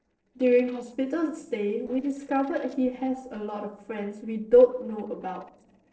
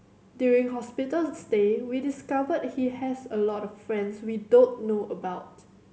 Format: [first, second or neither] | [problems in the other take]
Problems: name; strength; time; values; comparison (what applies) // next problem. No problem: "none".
second | noise reduction (neural separator model SepFormer DNS4)